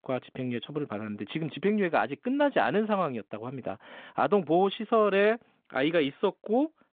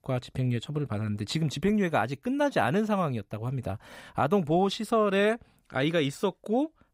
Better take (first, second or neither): second